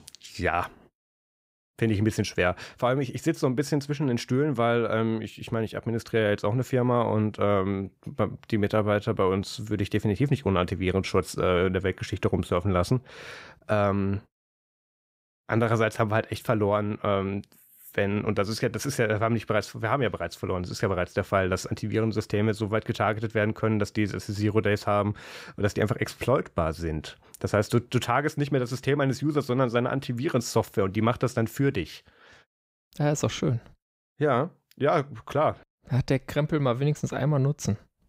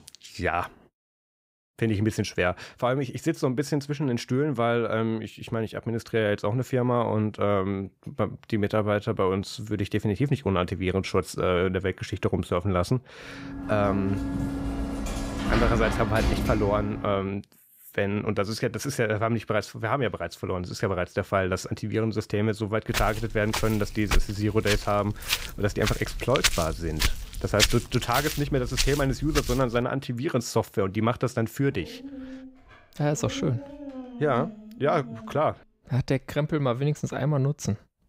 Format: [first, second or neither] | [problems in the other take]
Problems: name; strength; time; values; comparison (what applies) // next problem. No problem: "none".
first | door banging; loud; from 13 to 17 s; peak 1 dB above the speech // footsteps; loud; from 23 to 30 s; peak 3 dB above the speech // dog barking; noticeable; from 32 to 35 s; peak 9 dB below the speech